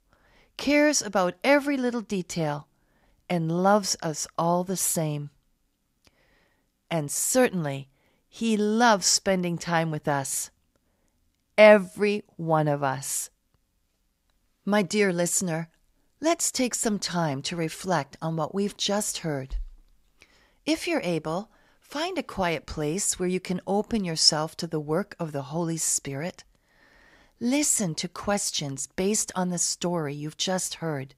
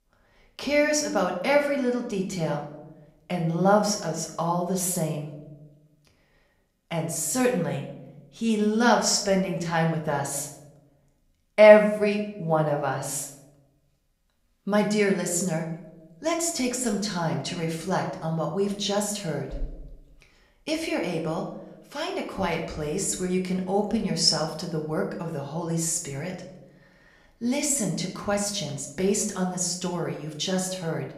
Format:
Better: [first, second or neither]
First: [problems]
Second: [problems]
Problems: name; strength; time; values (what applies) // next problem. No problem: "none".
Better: first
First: none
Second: room echo; slight; dies away in 0.6 s // off-mic speech; somewhat distant